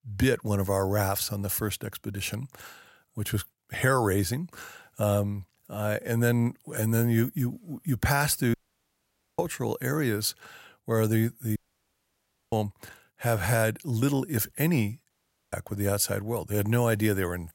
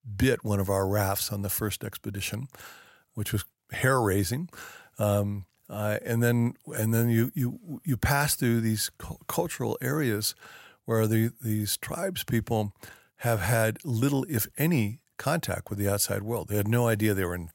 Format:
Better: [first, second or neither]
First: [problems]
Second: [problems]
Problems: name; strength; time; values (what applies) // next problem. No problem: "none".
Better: second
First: audio cutting out; at 8.5 s for 1 s, at 12 s for 1 s and at 15 s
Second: none